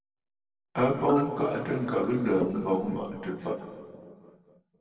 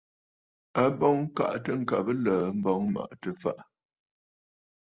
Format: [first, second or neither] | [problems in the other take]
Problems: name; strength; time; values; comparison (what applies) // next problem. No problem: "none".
second | noise reduction (neural separator model SepFormer DNS4)